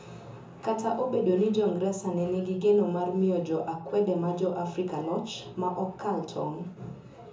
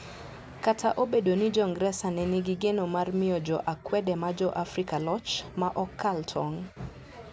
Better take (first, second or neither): second